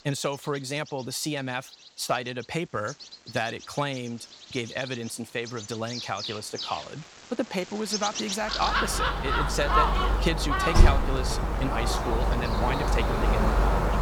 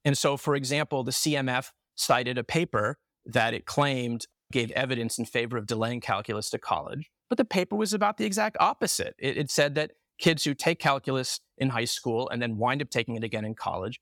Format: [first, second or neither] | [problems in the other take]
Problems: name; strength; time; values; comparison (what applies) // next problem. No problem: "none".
second | animal sounds; very loud; throughout; 4 dB above the speech